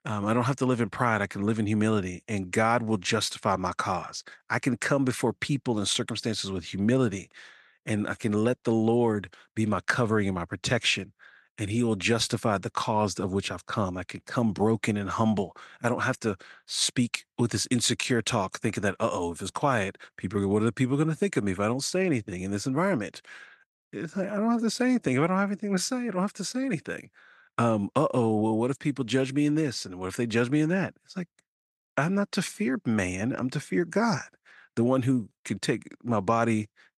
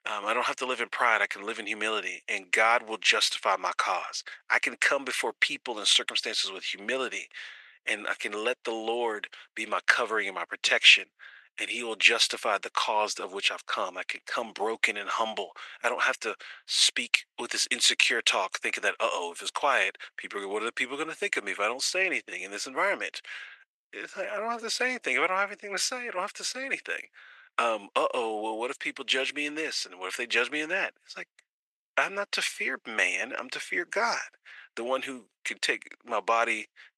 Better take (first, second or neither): first